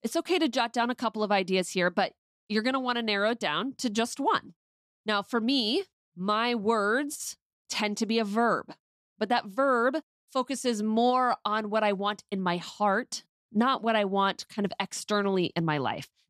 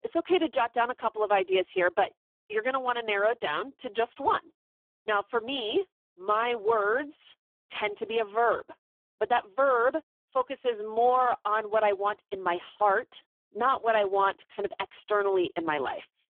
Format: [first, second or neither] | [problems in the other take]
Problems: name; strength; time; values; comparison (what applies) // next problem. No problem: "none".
first | phone-call audio; poor line; nothing above 3.5 kHz